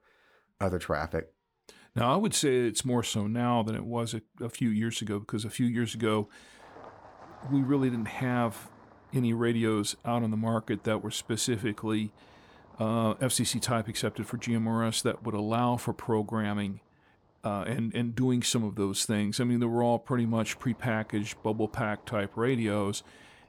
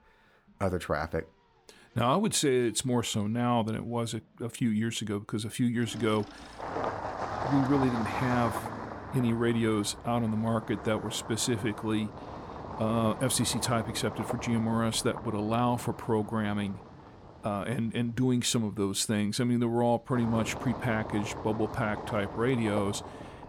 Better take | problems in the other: first | traffic noise; loud; throughout; 9 dB below the speech; faint in the first

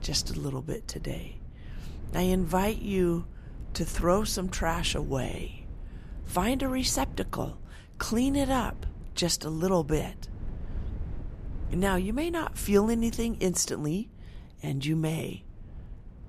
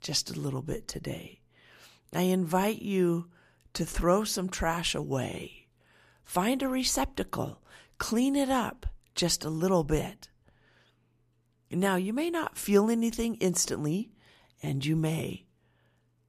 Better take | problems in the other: second | wind noise on the microphone; occasional gusts; 20 dB below the speech

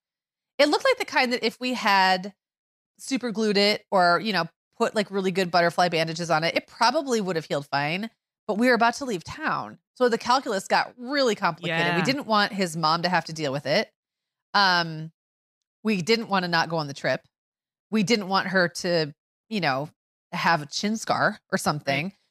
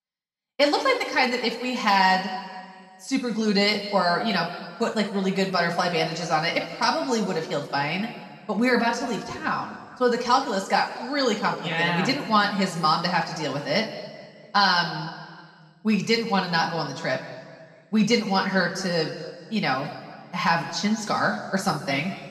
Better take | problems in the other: first | room echo; noticeable; dies away in 1.6 s // off-mic speech; far

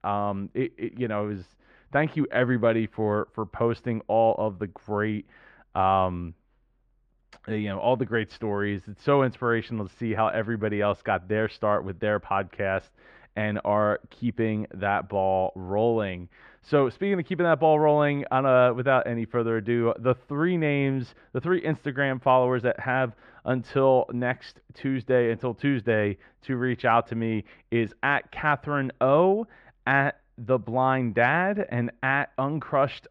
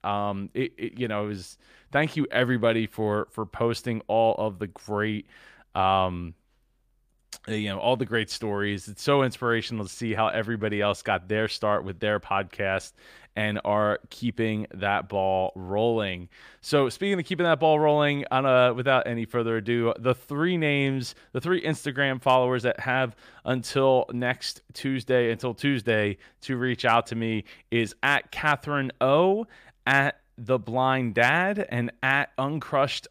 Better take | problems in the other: second | muffled; very; fading above 2 kHz

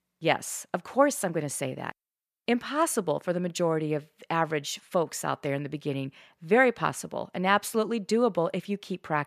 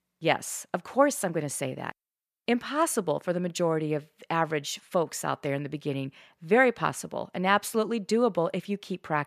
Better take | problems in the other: neither | none

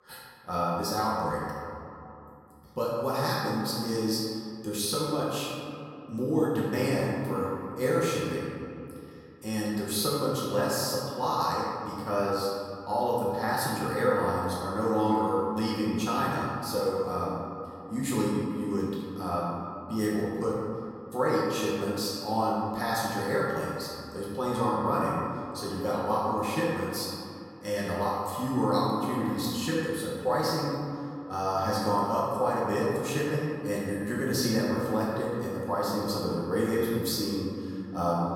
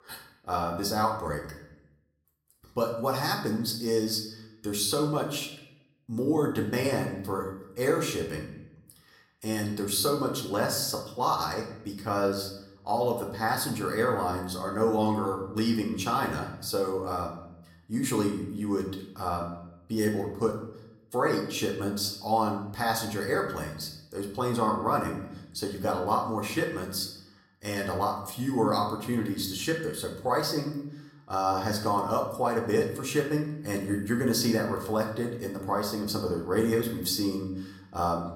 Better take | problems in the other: second | room echo; strong; dies away in 2.4 s; slight in the second // off-mic speech; far; somewhat distant in the second

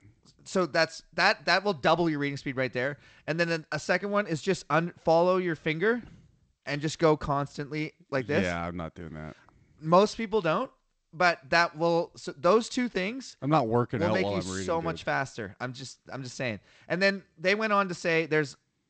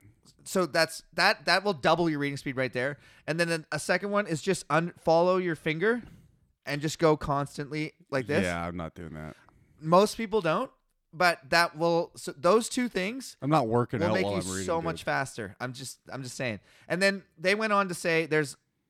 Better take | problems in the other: second | garbled, watery; slightly; nothing above 8 kHz

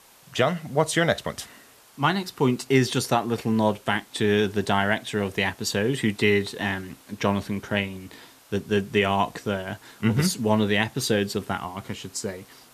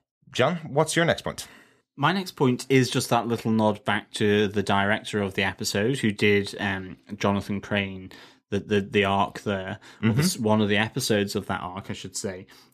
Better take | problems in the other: second | hiss; faint; throughout; 25 dB below the speech

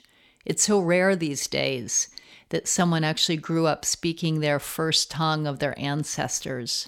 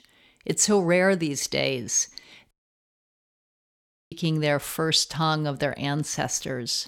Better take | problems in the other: first | audio cutting out; at 2.5 s for 1.5 s

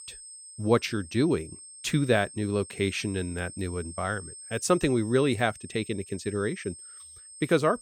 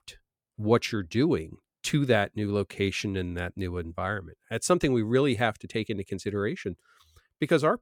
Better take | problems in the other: second | high-pitched whine; noticeable; throughout; 8.5 kHz, 15 dB below the speech

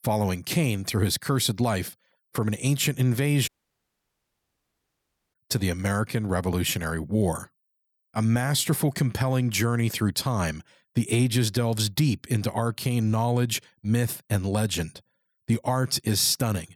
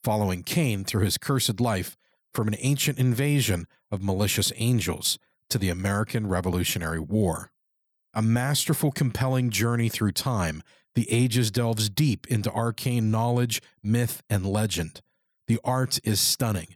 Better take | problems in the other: second | audio cutting out; at 3.5 s for 2 s

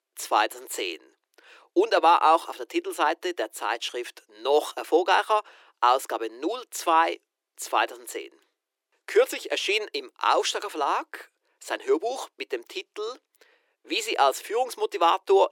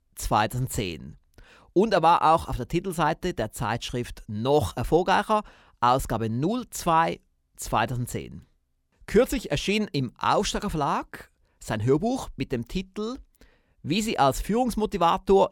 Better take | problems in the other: second | thin; very; fading below 350 Hz

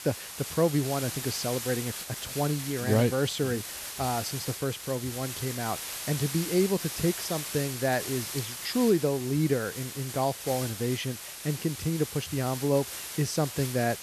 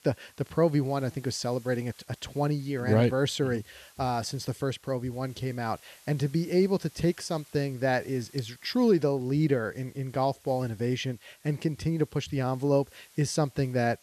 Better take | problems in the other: second | hiss; loud; throughout; 6 dB below the speech; faint in the second

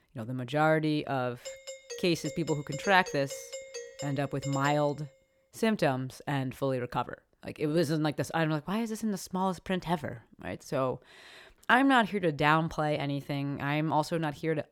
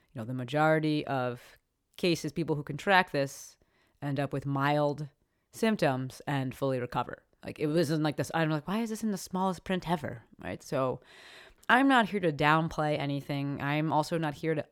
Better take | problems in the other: second | doorbell; faint; from 1.5 to 5 s; peak 10 dB below the speech

